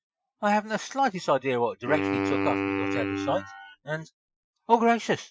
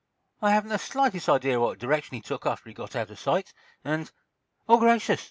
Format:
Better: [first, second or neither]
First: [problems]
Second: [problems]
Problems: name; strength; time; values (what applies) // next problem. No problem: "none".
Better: second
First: noise reduction (classical method Wiener filter)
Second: none